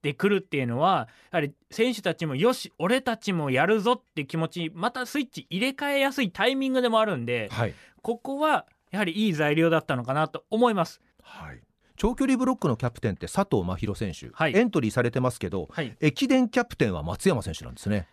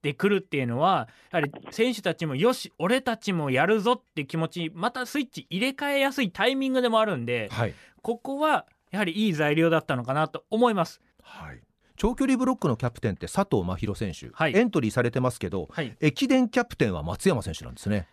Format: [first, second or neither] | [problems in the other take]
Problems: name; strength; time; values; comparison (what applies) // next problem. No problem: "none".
first | phone ringing; faint; at 1.5 s; peak 10 dB below the speech